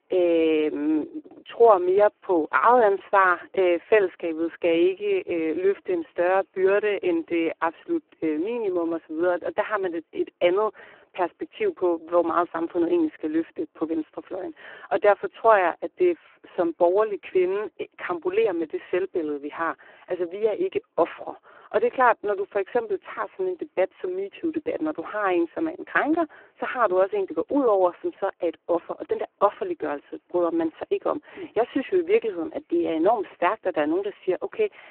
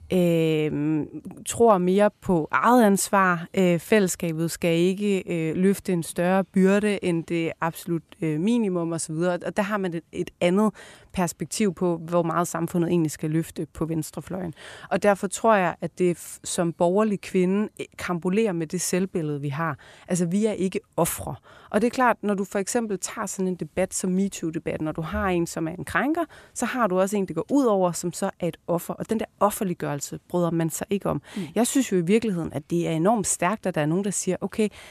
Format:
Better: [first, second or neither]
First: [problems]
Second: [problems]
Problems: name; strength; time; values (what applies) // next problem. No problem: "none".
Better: second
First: phone-call audio; poor line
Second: none